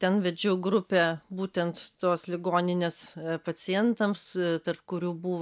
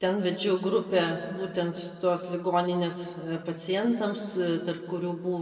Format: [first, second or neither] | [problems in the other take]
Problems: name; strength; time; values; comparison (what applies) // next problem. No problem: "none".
first | room echo; dies away in 1.9 s